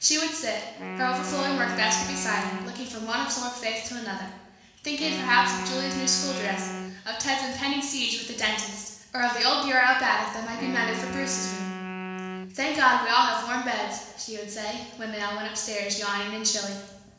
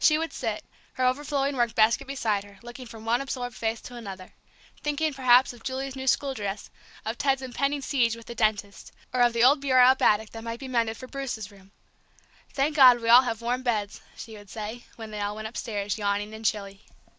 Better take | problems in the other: second | background sound (Wind instrument, woodwind instrument); 9 dB below the speech // room echo; dies away in 1.1 s

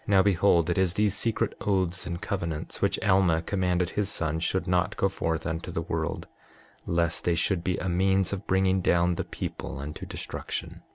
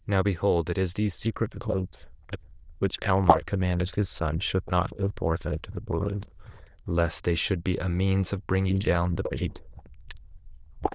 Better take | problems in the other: first | noise reduction (neural diffusion model UNIVERSE++)

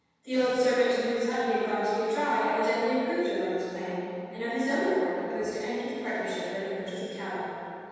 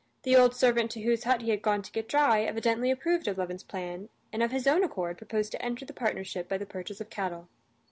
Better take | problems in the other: second | room echo; dies away in 2.1 s

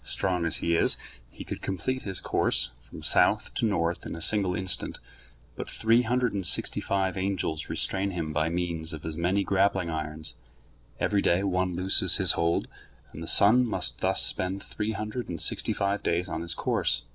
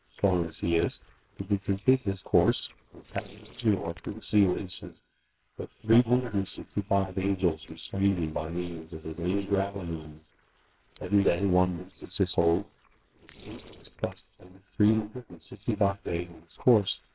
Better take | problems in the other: first | noise reduction (neural separator model SepFormer WHAMR!)

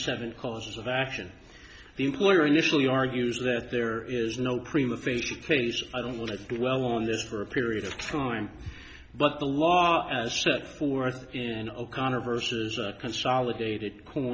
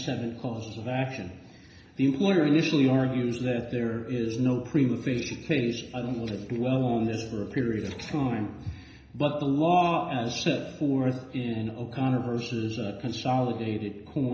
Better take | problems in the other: first | room echo; dies away in 0.9 s

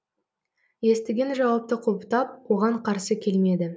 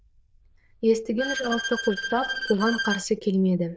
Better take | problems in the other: first | noise reduction (neural diffusion model UNIVERSE++)

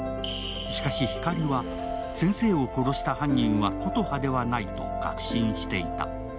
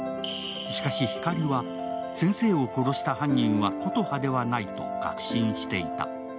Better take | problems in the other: second | background sound (Vehicle); 11 dB below the speech

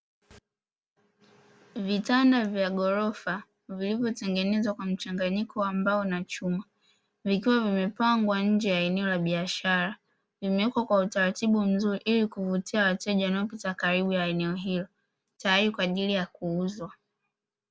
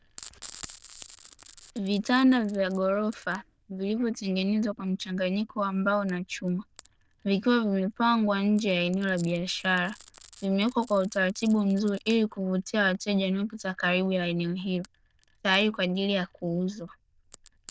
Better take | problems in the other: first | noise reduction (neural diffusion model UNIVERSE++)

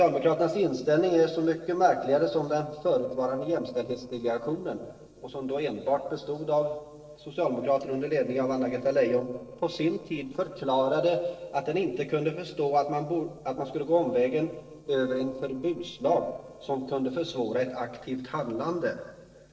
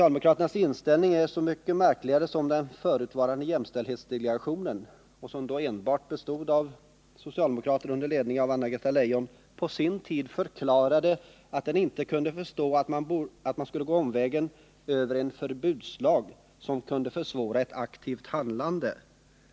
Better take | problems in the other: second | noise reduction (neural separator model SepFormer DNS4)

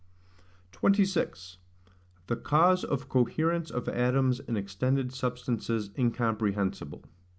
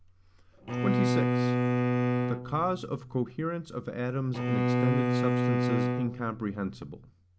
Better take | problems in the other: first | background sound (Bowed string instrument); 5 dB above the speech

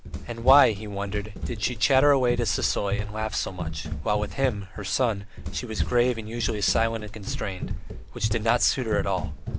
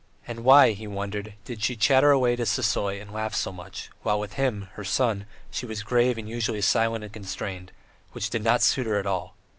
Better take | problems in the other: second | background sound (Run); 5 dB below the speech

